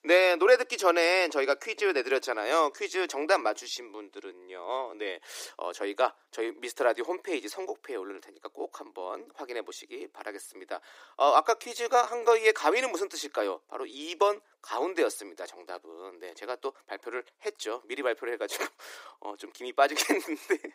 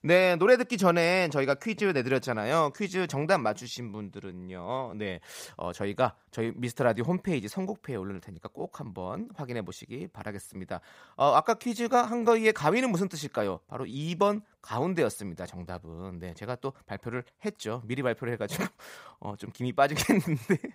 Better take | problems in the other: second | thin; very; fading below 300 Hz

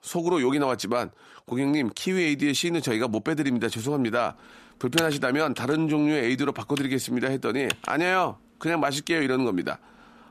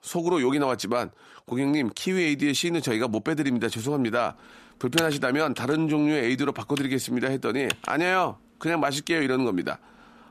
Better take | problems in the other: neither | keyboard typing; noticeable; from 5 to 7.5 s; peak 3 dB below the speech; the same in both

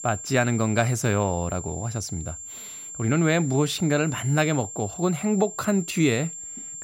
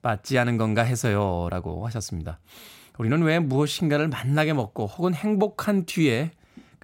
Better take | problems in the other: second | high-pitched whine; noticeable; throughout; 7.5 kHz, 10 dB below the speech

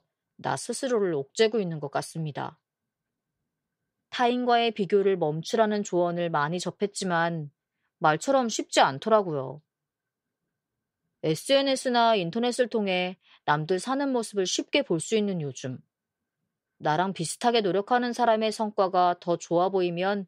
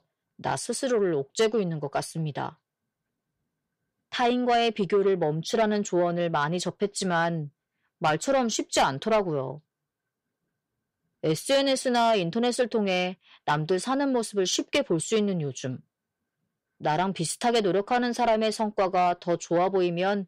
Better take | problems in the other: first | distortion; slight; 10 dB below the speech

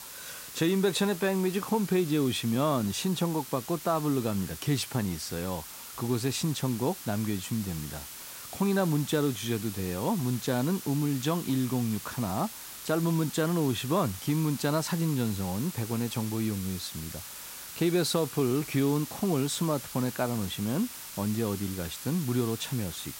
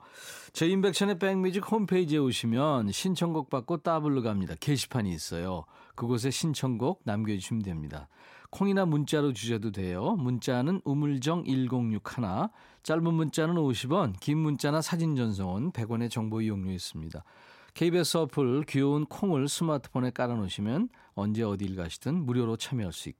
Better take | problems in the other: second | hiss; noticeable; throughout; 10 dB below the speech

